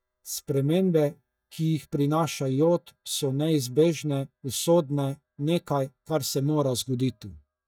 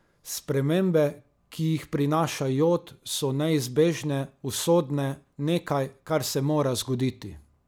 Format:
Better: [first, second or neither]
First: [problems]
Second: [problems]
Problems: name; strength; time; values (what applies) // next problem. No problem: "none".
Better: second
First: noise reduction (neural mask model DeepFilterNet 3)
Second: none